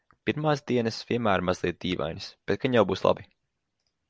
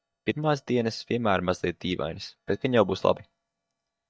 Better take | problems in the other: first | noise reduction (neural mask model DeepFilterNet 3)

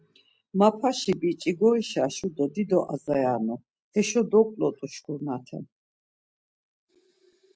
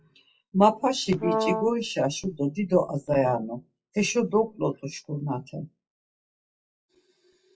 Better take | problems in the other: first | noise reduction (classical method WPE with log-MMSE)

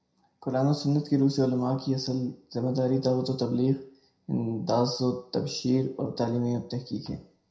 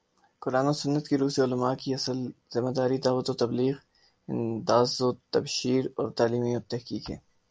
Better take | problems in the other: second | room echo; dies away in 0.5 s

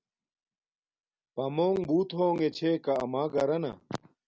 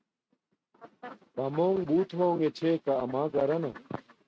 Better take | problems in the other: first | noise reduction (neural mask model RNNoise)

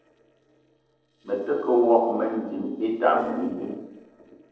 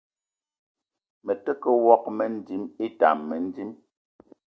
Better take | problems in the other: second | noise reduction (neural separator model SepFormer DNS4)

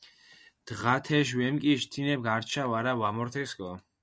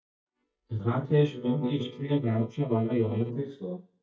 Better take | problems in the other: first | noise reduction (neural mask model DeepFilterNet 3)

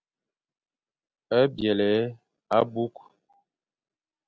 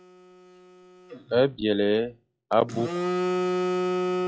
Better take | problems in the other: first | noise reduction (classical method log-MMSE)

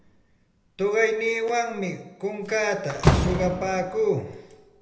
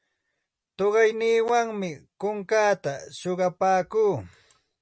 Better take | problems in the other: second | background sound (Slam); 3 dB below the speech // room echo; dies away in 0.7 s

